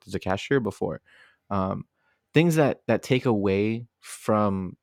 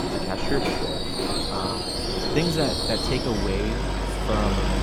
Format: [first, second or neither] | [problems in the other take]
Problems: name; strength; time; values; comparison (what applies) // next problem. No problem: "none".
first | train or aircraft noise; very loud; throughout; 3 dB above the speech